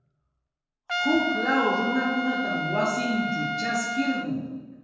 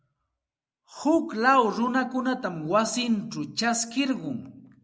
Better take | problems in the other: second | background sound (Trumpet); 3 dB below the speech // room echo; dies away in 1.2 s

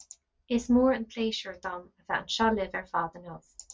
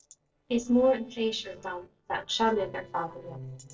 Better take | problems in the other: first | noise reduction (neural separator model SepFormer DNS4)

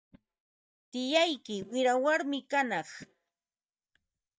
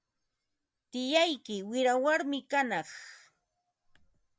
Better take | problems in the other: second | noise reduction (neural mask model DeepFilterNet 3)

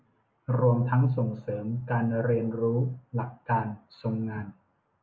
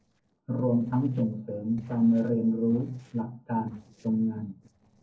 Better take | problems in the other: first | noise reduction (neural separator model SepFormer DNS4)

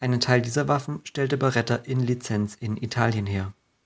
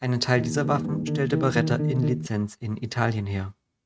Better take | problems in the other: first | noise reduction (neural mask model RNNoise)

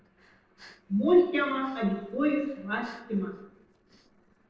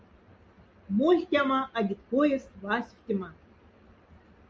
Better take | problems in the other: second | noise reduction (neural separator model SepFormer DNS4)

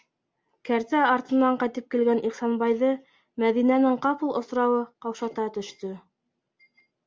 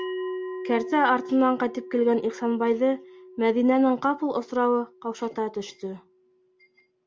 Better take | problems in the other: first | background sound (Bell); 14 dB below the speech

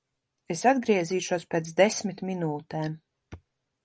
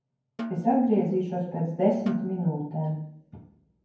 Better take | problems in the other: first | background sound (Snare drum); 15 dB below the speech // room echo; dies away in 0.9 s

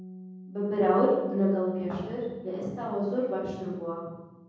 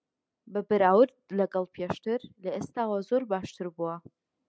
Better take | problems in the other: second | background sound (Bass guitar); 20 dB below the speech // room echo; dies away in 1.3 s

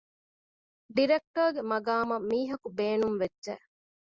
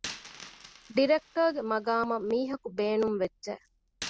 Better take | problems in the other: first | background sound (Coin (dropping)); 17 dB below the speech

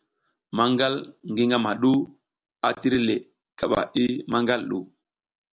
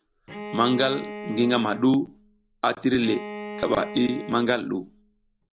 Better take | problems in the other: first | background sound (Bowed string instrument); 13 dB below the speech

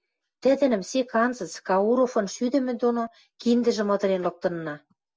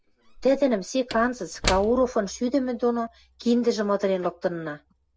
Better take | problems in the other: first | background sound (Slam / Wood); 13 dB below the speech

